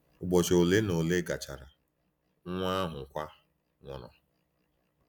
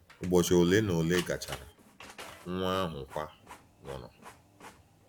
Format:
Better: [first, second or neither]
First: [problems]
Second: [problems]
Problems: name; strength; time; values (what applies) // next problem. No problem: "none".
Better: first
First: none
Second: background sound (Printer); 17 dB below the speech